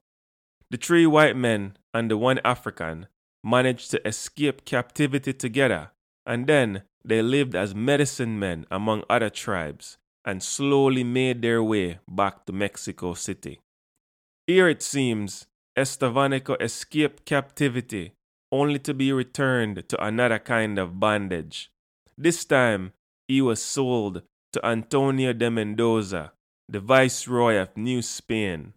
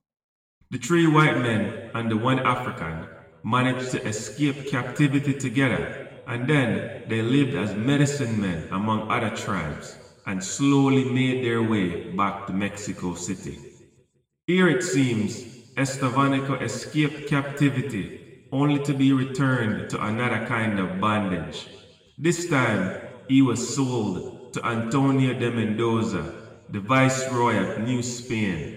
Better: first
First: none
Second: room echo; slight; dies away in 1.4 s // off-mic speech; somewhat distant

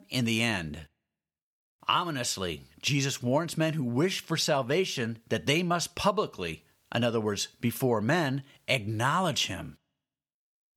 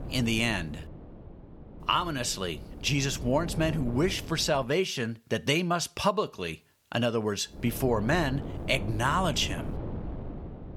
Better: first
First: none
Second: wind noise on the microphone; occasional gusts; until 4.5 s and from 7.5 s on; 15 dB below the speech

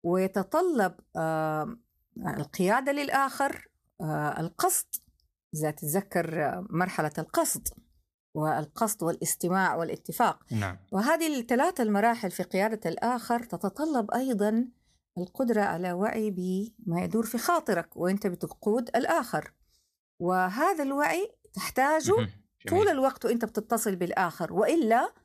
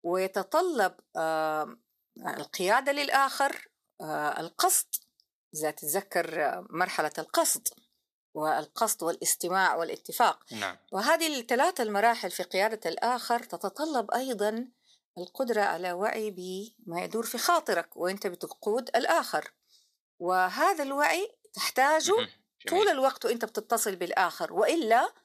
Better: first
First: none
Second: thin; somewhat; fading below 400 Hz

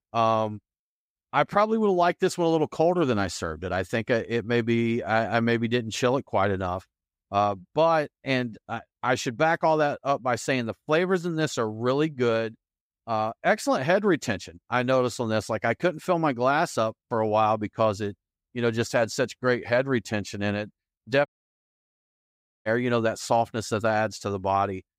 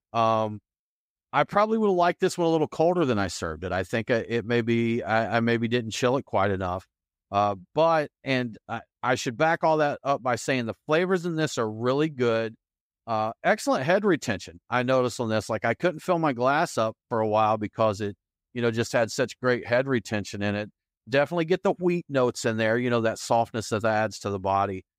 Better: second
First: audio cutting out; at 21 s for 1.5 s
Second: none

